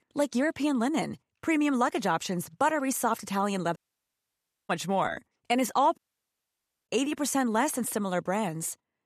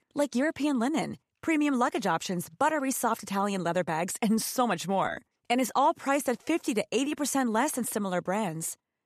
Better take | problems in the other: second | audio cutting out; at 4 s for 1 s and at 6 s for 1 s

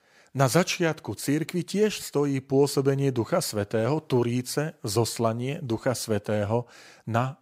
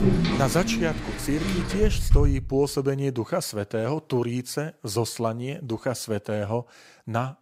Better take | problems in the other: first | household noises; very loud; until 2 s; as loud as the speech

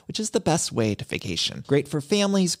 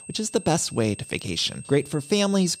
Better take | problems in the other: first | high-pitched whine; noticeable; throughout; 8.5 kHz, 20 dB below the speech

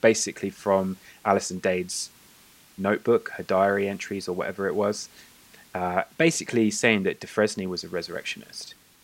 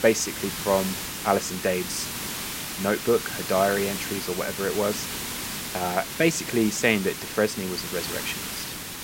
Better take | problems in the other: first | hiss; loud; throughout; 5 dB below the speech; faint in the first

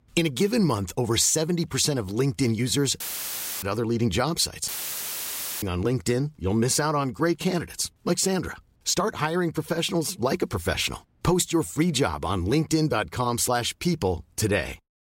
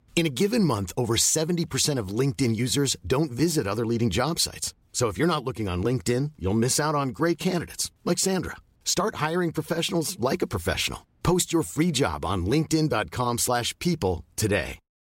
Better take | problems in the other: second | audio cutting out; filled with static; at 3 s for 0.5 s and at 4.5 s for 1 s

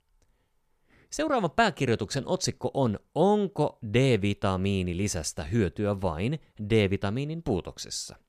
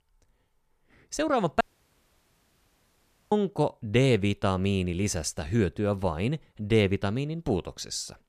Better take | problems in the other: first | audio cutting out; at 1.5 s for 1.5 s

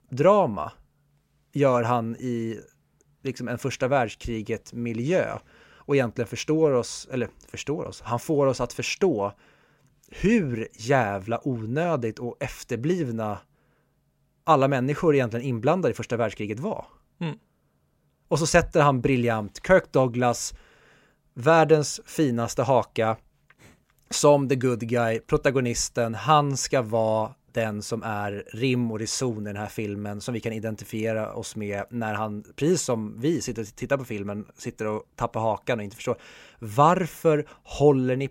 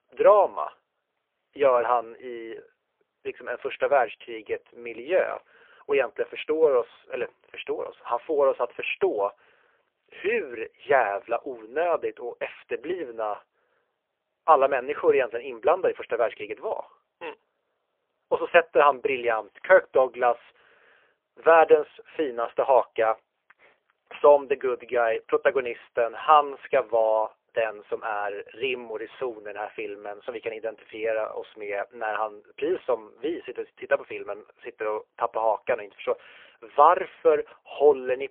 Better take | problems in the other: first | phone-call audio; poor line

